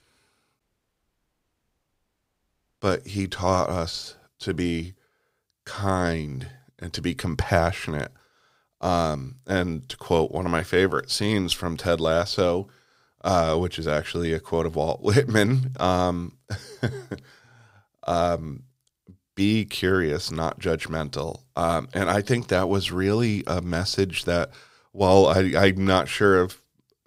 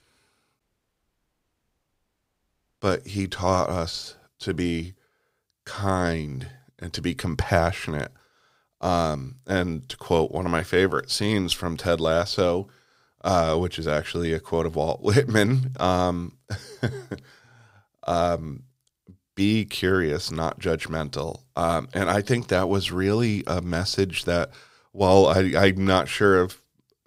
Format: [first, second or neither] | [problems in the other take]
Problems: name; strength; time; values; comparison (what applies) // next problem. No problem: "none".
neither | audio cutting out; at 0.5 s for 2 s; the same in both